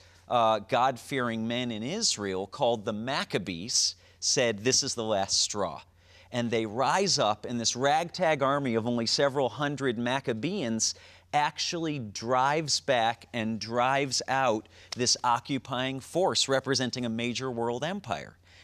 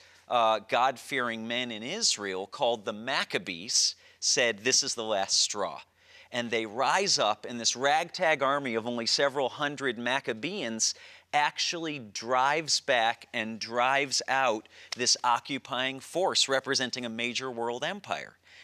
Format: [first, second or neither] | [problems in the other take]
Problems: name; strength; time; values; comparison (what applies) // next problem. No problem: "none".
first | thin; very slightly; fading below 400 Hz